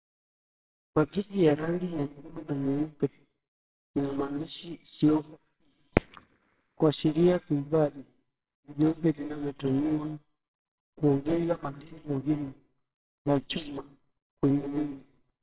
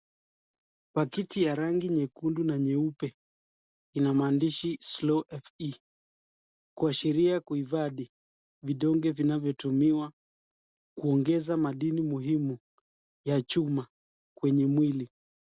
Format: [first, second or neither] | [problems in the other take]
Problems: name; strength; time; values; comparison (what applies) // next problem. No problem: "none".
second | noise reduction (neural separator model SepFormer WHAMR!)